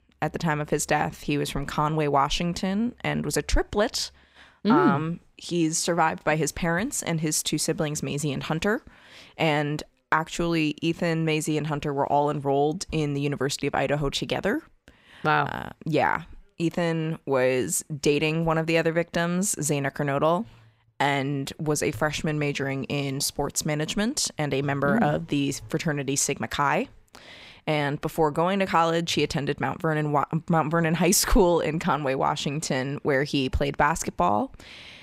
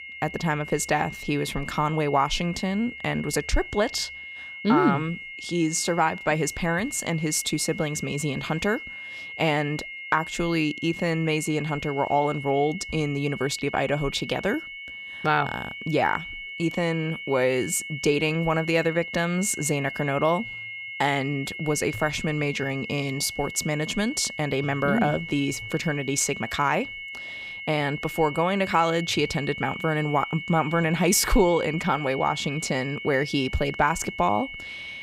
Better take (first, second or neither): first